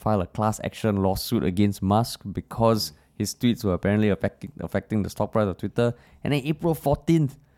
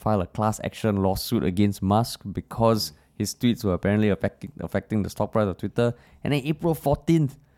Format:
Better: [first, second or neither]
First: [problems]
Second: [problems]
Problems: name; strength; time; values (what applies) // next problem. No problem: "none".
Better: neither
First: none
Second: none